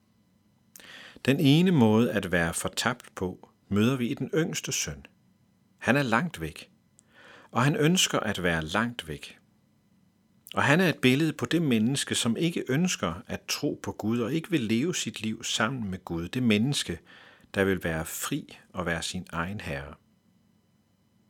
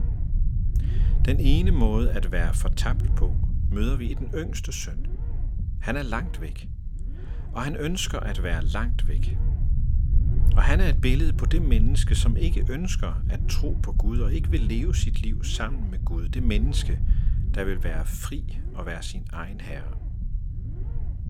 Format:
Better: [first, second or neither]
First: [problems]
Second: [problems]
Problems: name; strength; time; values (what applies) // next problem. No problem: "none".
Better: first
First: none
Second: low rumble; noticeable; throughout; 10 dB below the speech